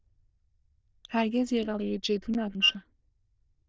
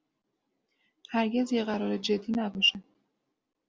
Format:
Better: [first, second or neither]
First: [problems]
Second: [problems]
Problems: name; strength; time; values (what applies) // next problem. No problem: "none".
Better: second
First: noise reduction (neural diffusion model UNIVERSE++)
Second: none